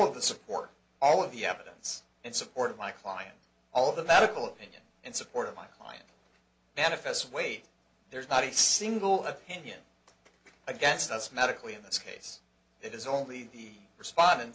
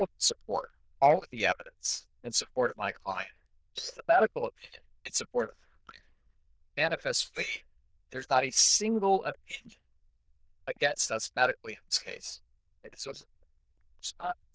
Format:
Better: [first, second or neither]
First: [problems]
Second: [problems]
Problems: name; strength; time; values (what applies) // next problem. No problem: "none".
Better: first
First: none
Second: noise reduction (neural diffusion model UNIVERSE++)